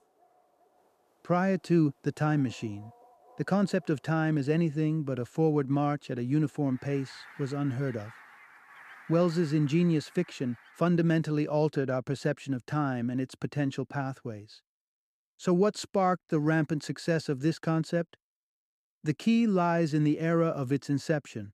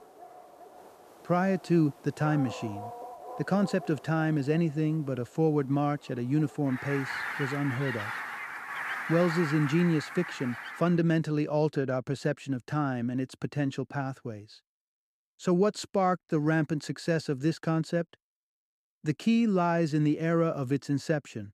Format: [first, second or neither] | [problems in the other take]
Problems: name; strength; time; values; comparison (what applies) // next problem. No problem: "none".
first | animal sounds; loud; until 11 s; 8 dB below the speech; faint in the first